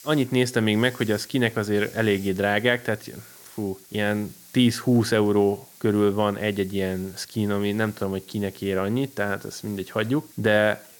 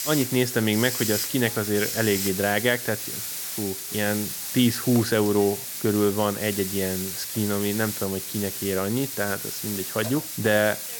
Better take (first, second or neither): first